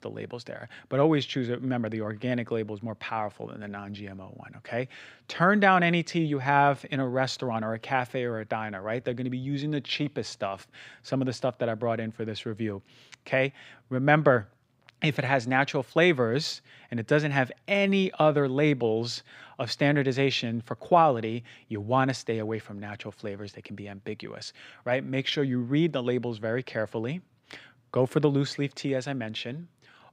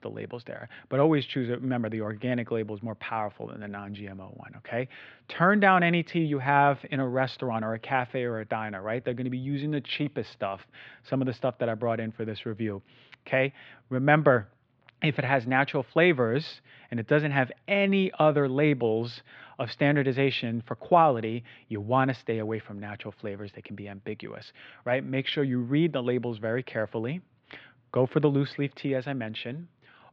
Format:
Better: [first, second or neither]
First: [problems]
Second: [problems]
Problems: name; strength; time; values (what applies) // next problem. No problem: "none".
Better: first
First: none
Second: muffled; slightly; fading above 3.5 kHz